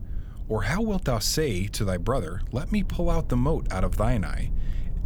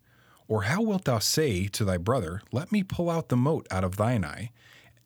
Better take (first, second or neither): second